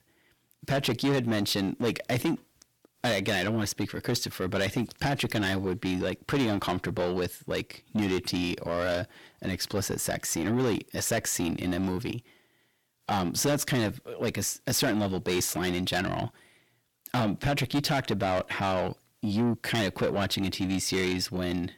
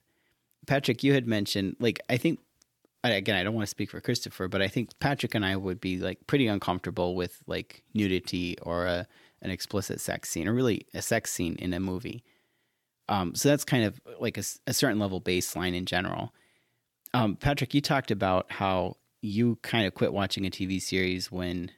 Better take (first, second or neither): second